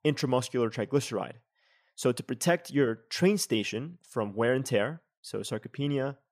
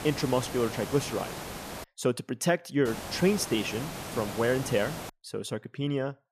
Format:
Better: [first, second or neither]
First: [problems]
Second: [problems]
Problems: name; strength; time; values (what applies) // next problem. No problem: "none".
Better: first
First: none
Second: hiss; loud; until 2 s and from 3 to 5 s; 8 dB below the speech